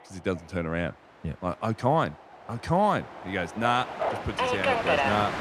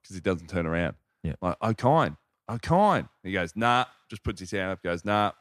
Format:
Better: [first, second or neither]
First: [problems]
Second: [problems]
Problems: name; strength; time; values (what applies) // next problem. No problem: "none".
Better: second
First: train or aircraft noise; very loud; throughout; 1 dB above the speech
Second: none